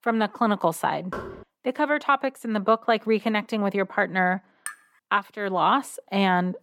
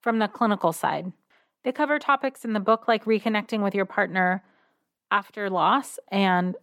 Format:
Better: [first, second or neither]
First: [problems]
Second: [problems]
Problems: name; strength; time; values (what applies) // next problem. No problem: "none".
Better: second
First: door banging; faint; at 1 s; peak 10 dB below the speech // clattering dishes; faint; at 4.5 s; peak 15 dB below the speech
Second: none